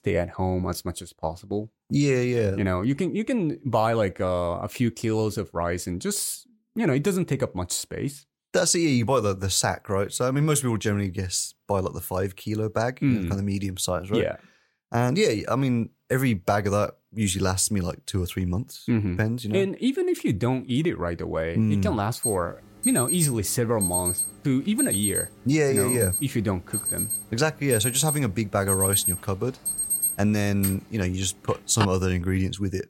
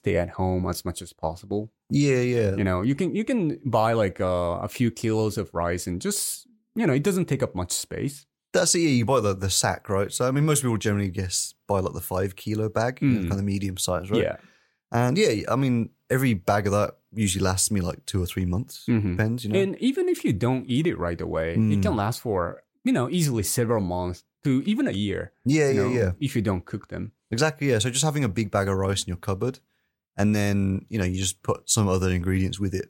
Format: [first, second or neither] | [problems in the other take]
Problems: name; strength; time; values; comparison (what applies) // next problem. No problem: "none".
second | alarm; loud; from 22 to 32 s; peak 4 dB above the speech